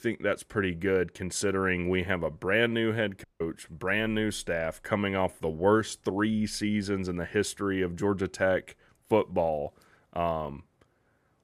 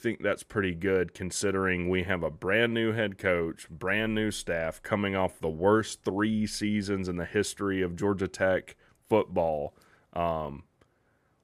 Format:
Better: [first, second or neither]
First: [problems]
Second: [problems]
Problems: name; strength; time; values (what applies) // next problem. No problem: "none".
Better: second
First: audio cutting out; at 3 s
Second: none